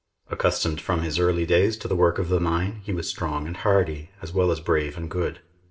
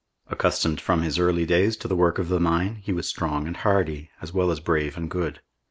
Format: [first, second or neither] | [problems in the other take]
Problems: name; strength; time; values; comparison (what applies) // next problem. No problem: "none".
second | room echo; dies away in 0.4 s